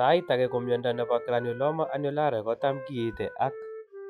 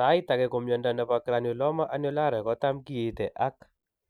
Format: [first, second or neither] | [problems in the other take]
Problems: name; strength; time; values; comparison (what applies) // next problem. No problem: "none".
second | noise reduction (classical method log-MMSE)